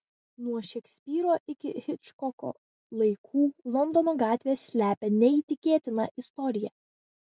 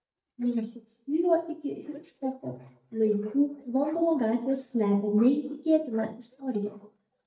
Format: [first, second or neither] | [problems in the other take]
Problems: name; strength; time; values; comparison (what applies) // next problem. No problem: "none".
first | noise reduction (neural mask model DeepFilterNet 3)